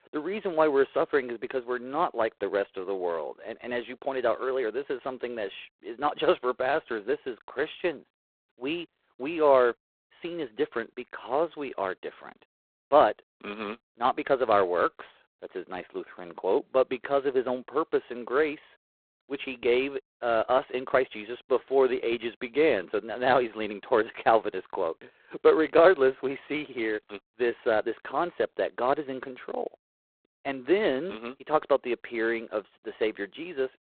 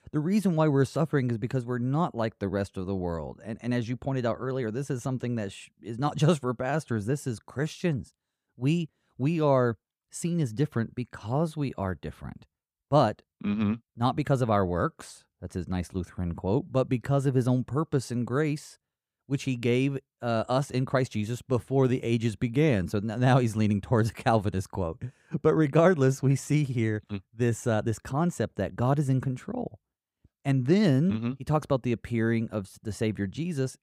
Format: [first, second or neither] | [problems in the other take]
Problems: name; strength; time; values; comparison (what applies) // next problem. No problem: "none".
second | phone-call audio; poor line; nothing above 4 kHz